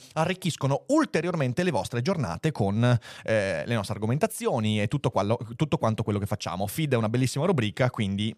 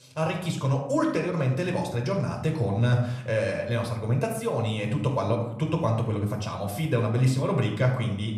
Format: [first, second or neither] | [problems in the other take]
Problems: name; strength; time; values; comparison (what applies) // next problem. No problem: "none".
first | off-mic speech; somewhat distant // room echo; slight; dies away in 0.6 s